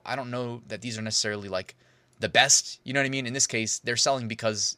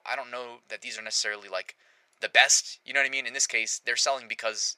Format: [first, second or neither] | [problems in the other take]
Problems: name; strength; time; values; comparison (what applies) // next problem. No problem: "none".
first | thin; very; fading below 700 Hz